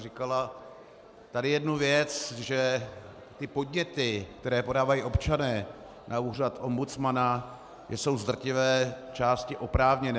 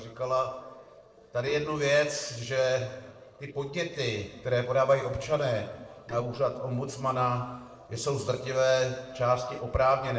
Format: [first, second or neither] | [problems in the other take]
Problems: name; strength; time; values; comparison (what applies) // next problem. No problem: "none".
first | noise reduction (neural separator model SepFormer DNS4)